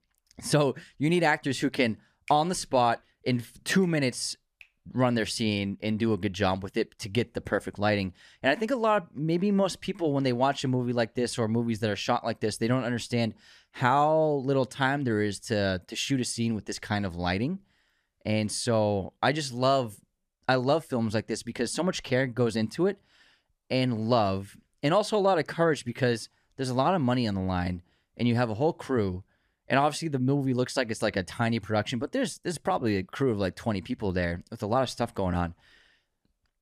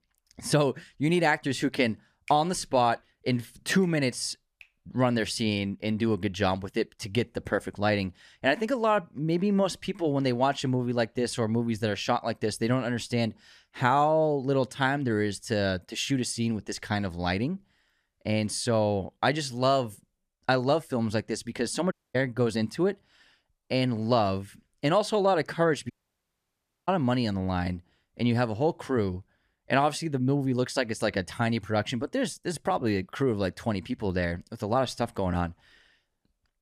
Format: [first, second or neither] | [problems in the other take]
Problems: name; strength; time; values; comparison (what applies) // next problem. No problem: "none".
first | audio cutting out; at 22 s and at 26 s for 1 s